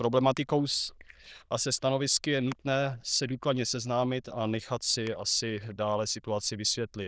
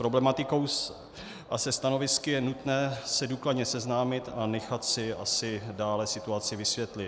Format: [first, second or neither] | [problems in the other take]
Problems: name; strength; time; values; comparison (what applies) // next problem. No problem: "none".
second | noise reduction (neural diffusion model UNIVERSE++)